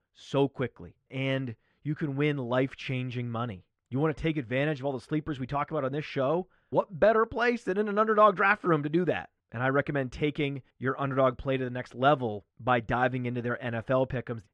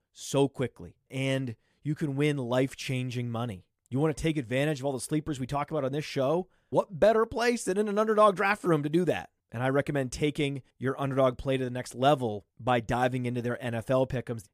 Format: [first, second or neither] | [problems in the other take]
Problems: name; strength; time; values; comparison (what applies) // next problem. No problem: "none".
second | muffled; slightly; fading above 3 kHz